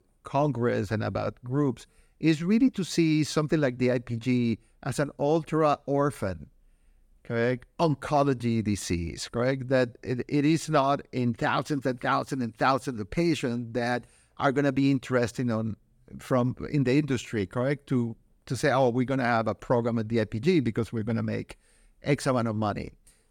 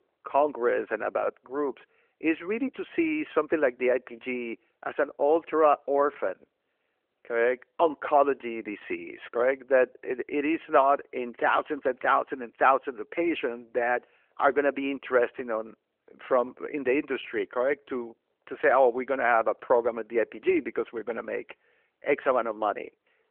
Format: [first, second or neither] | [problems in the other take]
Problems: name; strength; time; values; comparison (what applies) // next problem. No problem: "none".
first | phone-call audio